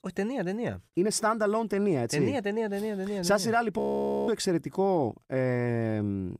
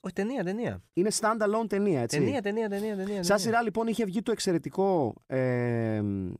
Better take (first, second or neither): second